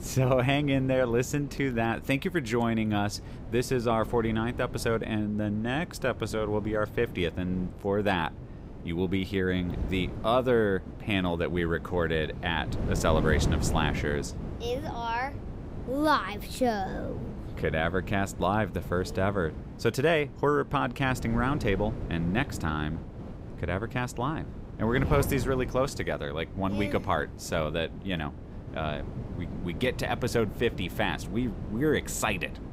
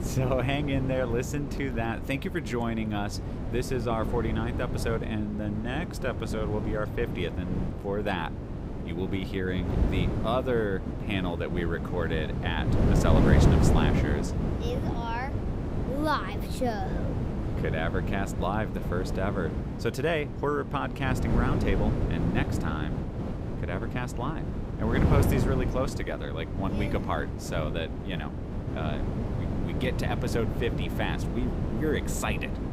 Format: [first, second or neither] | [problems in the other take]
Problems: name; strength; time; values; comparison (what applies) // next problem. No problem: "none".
first | wind noise on the microphone; heavy; 5 dB below the speech; occasional gusts in the first